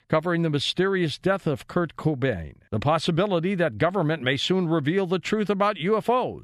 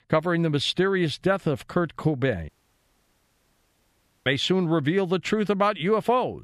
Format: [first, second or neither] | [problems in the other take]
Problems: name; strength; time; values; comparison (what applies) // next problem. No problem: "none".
first | audio cutting out; at 2.5 s for 2 s